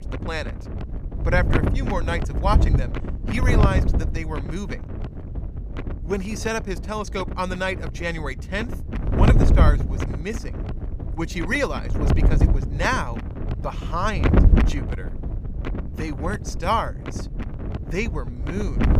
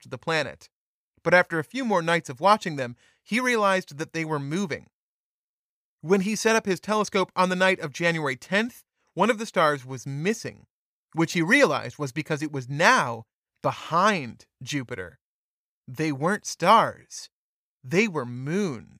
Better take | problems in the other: second | wind noise on the microphone; heavy; 6 dB below the speech

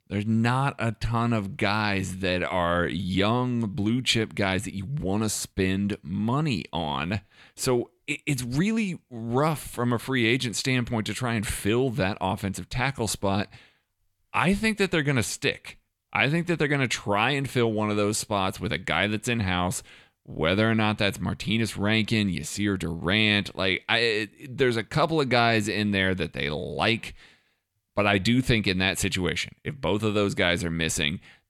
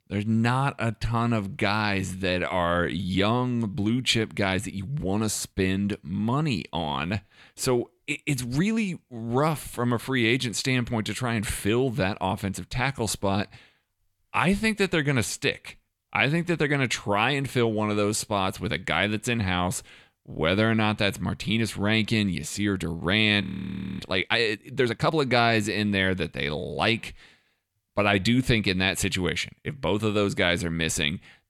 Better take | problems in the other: first | audio freezing; at 23 s for 0.5 s

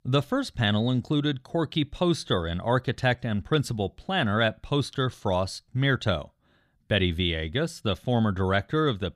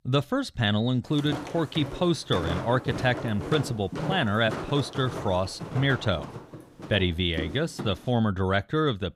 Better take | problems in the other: first | footsteps; noticeable; from 1 to 8 s; peak 6 dB below the speech

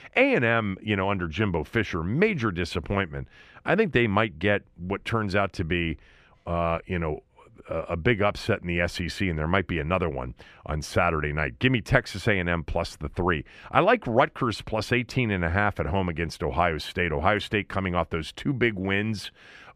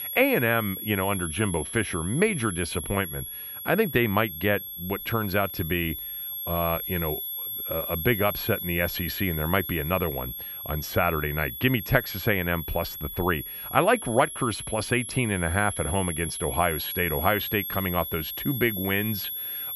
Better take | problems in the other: first | high-pitched whine; loud; throughout; 11.5 kHz, 5 dB below the speech

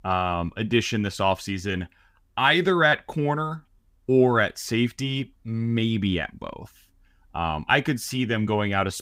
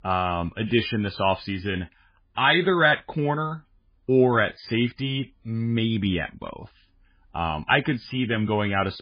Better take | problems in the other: first | garbled, watery; badly

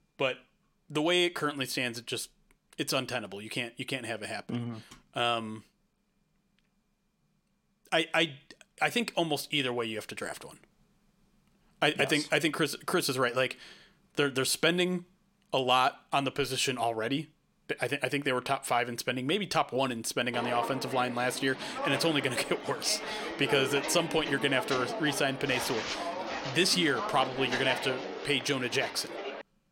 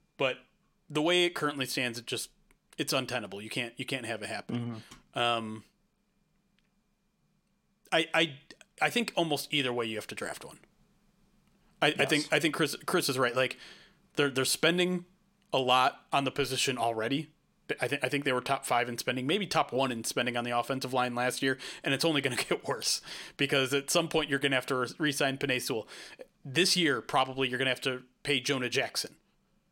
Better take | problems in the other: second | footsteps; noticeable; from 20 s on; peak 3 dB below the speech

